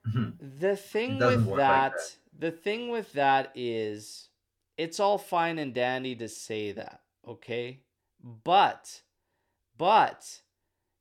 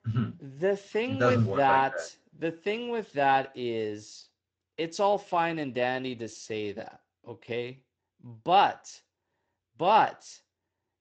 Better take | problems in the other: first | garbled, watery; slightly; nothing above 8 kHz

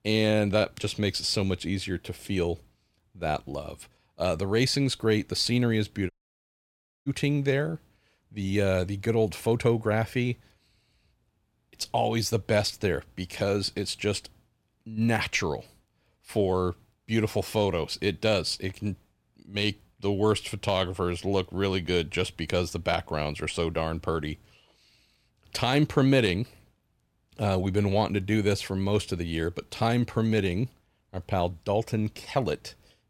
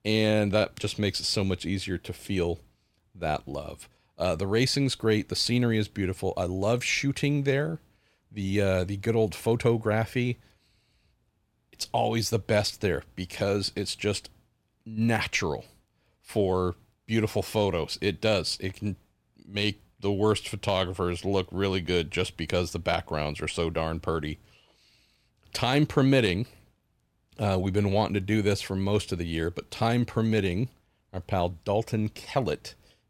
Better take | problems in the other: second | audio cutting out; at 6 s for 1 s

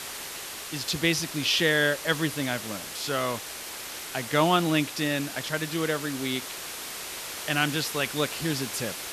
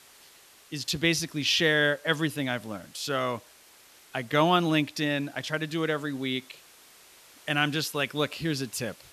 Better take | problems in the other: second | hiss; loud; throughout; 8 dB below the speech; faint in the second

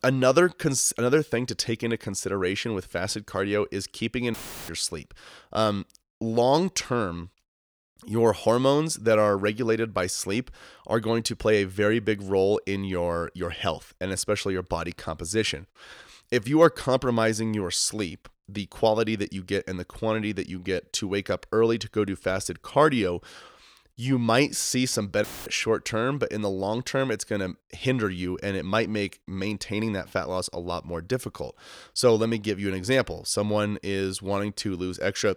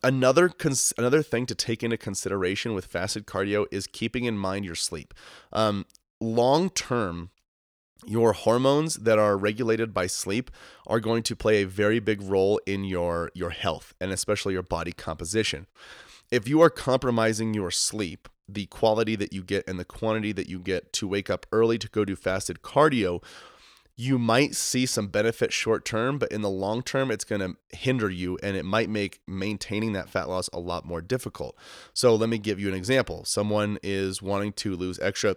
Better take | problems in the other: second | audio cutting out; filled with static; at 4.5 s and at 25 s

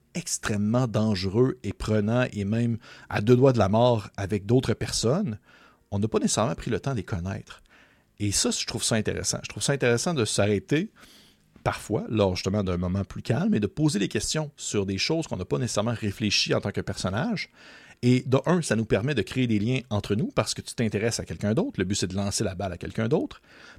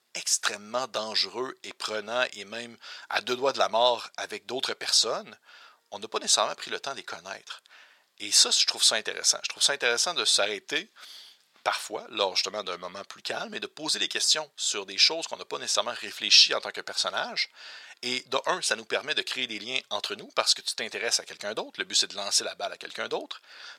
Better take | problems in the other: first | thin; very; fading below 850 Hz

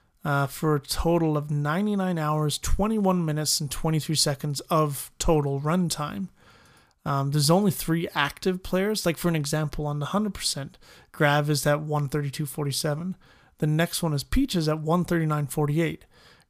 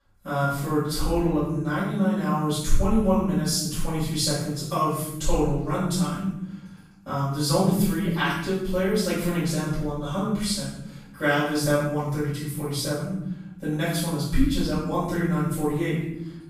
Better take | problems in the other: first | off-mic speech; far // room echo; strong; dies away in 0.9 s

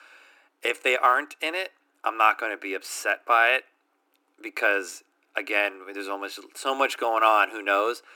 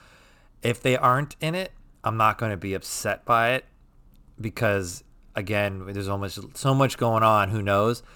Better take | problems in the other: second | thin; very; fading below 300 Hz

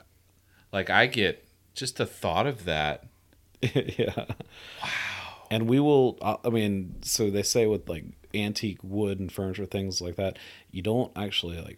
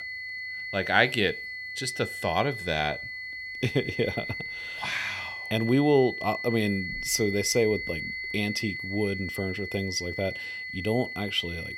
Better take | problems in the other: first | high-pitched whine; loud; throughout; 2 kHz, 6 dB below the speech

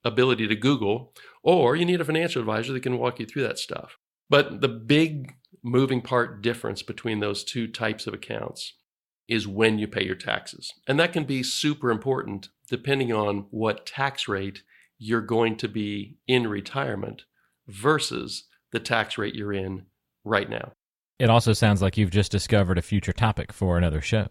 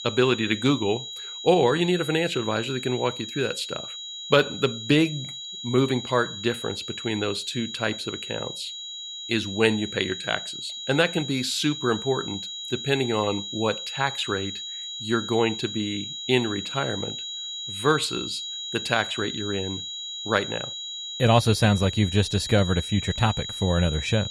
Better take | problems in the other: first | high-pitched whine; loud; throughout; 4 kHz, 7 dB below the speech

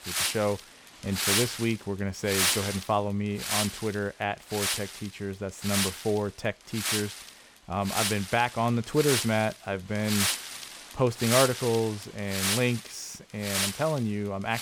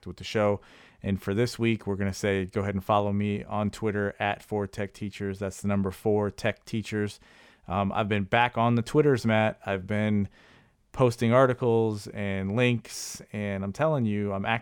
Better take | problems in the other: second | wind noise on the microphone; heavy; 1 dB above the speech

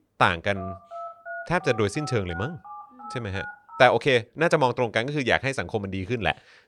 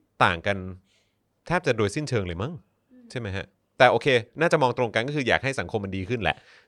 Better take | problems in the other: second | phone ringing; faint; from 0.5 to 4 s; peak 10 dB below the speech

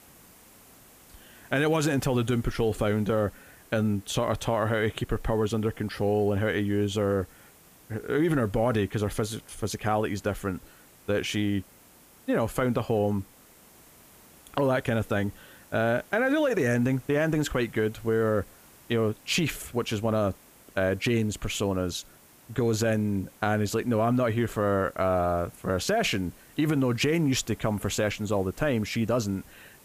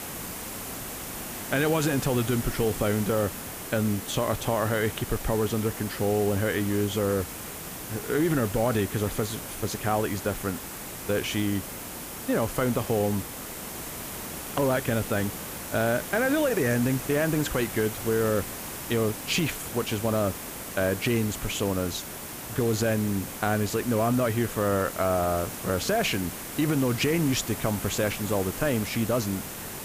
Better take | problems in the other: first | hiss; loud; throughout; 8 dB below the speech; faint in the first

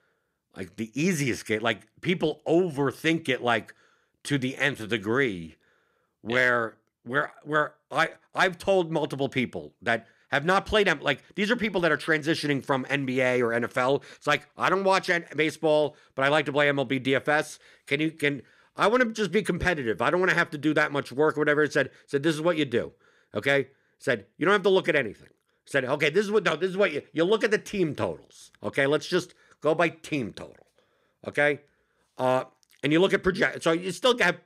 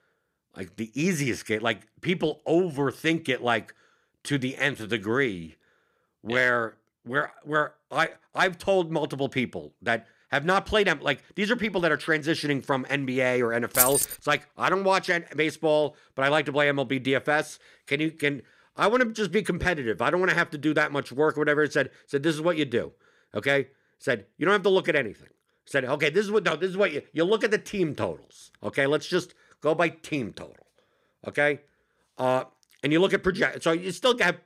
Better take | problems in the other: first | jangling keys; loud; at 14 s; peak 5 dB above the speech

